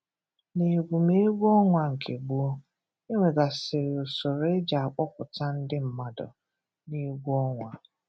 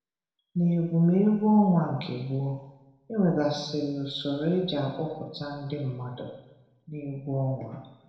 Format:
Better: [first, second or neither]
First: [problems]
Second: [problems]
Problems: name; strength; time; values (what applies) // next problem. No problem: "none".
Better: first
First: none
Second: room echo; dies away in 1 s